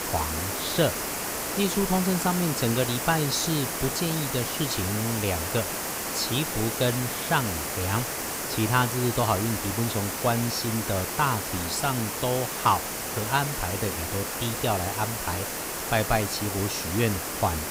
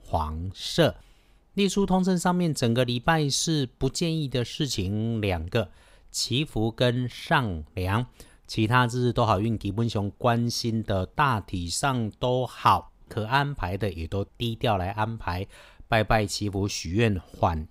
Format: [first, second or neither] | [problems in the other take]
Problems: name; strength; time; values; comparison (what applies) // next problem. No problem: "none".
second | hiss; loud; throughout; 1 dB below the speech